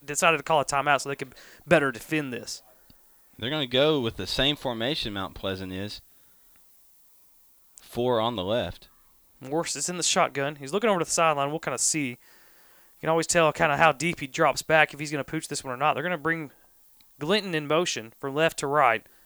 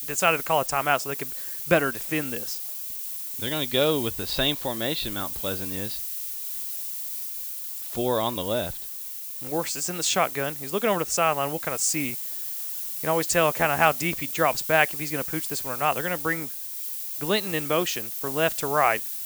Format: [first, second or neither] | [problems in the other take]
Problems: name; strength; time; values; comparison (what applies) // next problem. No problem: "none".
first | hiss; loud; throughout; 4 dB below the speech; faint in the first